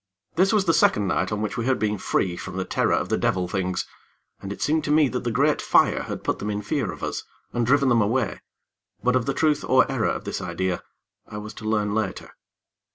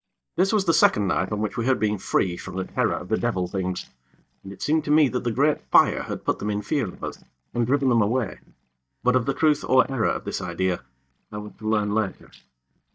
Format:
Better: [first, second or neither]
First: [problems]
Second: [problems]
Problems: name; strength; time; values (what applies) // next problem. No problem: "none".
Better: first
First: none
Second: noise reduction (neural mask model DeepFilterNet 3)